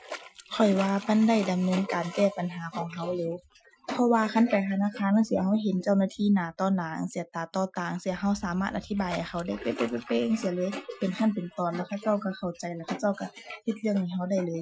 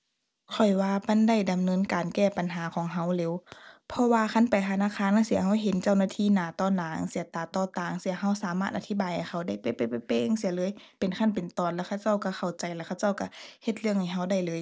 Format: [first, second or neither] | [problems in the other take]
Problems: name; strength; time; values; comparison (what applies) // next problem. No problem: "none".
second | noise reduction (classical method Wiener filter)